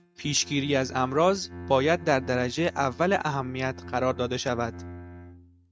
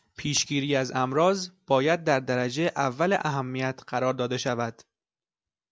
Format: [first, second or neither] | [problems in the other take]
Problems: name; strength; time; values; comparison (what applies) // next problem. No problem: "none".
second | noise reduction (neural mask model RNNoise)